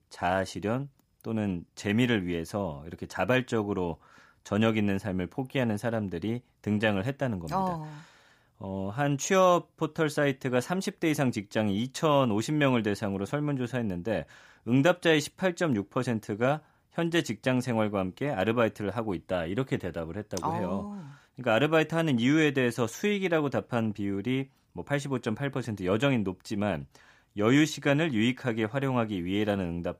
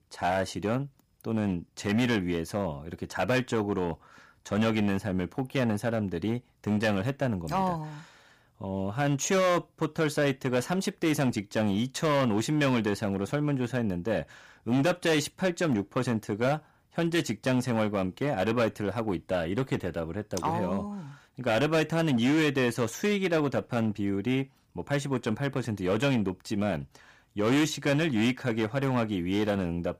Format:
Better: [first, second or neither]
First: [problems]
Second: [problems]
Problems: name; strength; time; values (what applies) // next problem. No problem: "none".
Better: first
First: none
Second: distortion; slight; 7% of the sound clipped